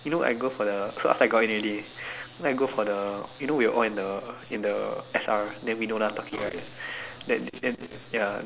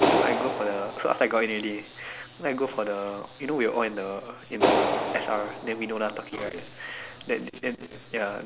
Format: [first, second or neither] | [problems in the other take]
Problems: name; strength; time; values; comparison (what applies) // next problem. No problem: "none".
first | background sound (Clapping); 2 dB below the speech